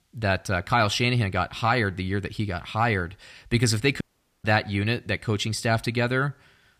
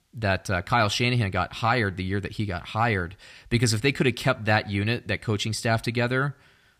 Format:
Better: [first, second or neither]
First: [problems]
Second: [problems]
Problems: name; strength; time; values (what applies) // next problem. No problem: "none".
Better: second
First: audio cutting out; at 4 s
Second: none